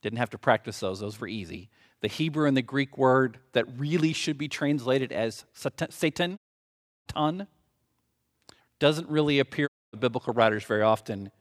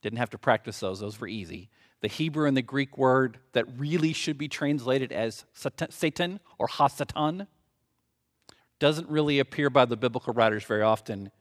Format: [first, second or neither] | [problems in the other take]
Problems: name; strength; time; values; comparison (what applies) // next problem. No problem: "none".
second | audio cutting out; at 6.5 s for 0.5 s and at 9.5 s